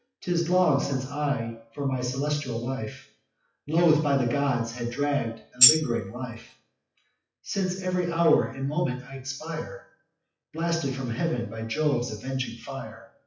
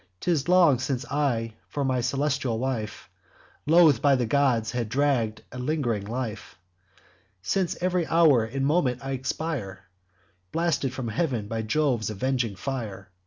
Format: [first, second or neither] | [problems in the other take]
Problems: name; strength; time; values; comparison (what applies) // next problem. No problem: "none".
second | noise reduction (classical method WPE with log-MMSE)